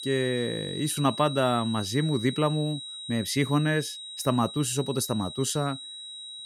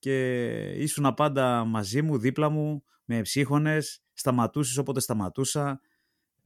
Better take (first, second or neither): second